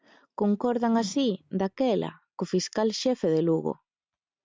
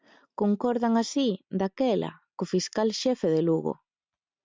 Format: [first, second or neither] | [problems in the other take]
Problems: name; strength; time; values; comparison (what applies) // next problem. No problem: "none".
second | background sound (Whoosh, swoosh, swish); 16 dB below the speech